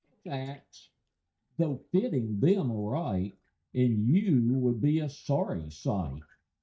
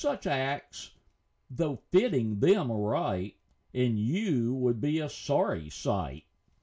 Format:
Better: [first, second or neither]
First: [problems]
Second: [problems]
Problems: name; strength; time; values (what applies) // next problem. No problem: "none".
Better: second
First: noise reduction (neural mask model DeepFilterNet 3)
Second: none